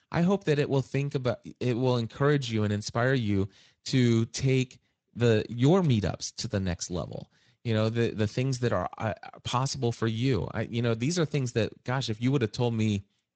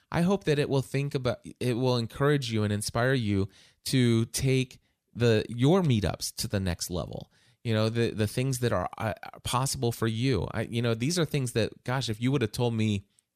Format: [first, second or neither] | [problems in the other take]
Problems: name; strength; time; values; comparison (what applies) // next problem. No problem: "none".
second | garbled, watery; slightly; nothing above 7.5 kHz